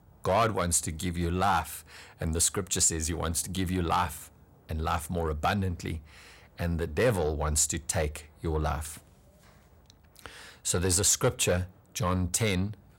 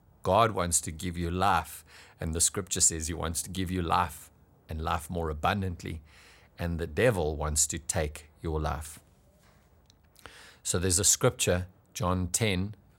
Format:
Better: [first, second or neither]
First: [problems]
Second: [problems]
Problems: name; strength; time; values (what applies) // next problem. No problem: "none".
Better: second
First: distortion; slight; 10 dB below the speech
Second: none